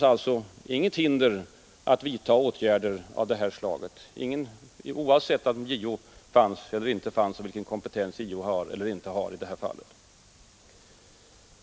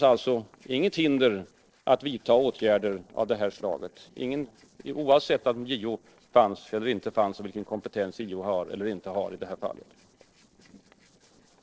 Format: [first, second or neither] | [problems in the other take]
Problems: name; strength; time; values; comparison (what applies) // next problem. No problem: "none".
first | noise reduction (neural separator model SepFormer DNS4)